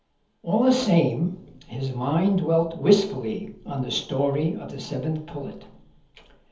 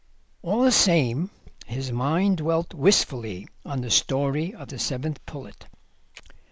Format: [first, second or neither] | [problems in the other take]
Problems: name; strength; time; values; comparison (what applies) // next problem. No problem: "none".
second | room echo; dies away in 0.7 s